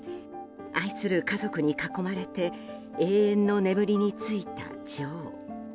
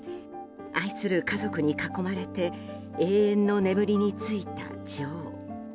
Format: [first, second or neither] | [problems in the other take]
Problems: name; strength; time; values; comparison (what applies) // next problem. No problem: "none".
first | background sound (Electric guitar / Strum); 13 dB below the speech